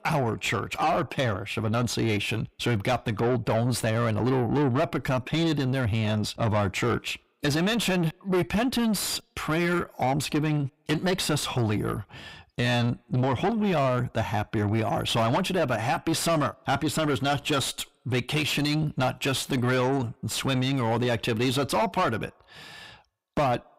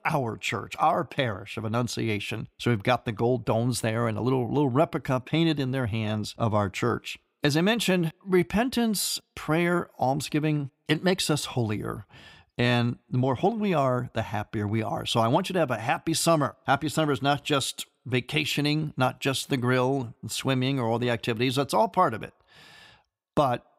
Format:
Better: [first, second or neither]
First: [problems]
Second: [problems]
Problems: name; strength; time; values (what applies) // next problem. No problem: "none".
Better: second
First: distortion; heavy; 6 dB below the speech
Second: none